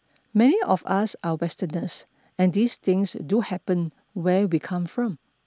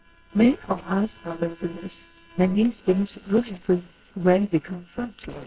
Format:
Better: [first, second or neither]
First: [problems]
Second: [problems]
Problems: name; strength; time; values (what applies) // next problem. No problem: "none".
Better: first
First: none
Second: noise reduction (neural separator model SepFormer WHAMR!)